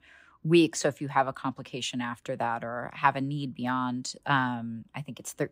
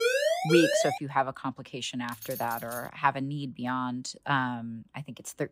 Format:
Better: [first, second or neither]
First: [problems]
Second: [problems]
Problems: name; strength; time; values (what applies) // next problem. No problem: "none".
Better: first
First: none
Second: siren; loud; at the start; peak 5 dB above the speech // jangling keys; noticeable; at 2 s; peak 9 dB below the speech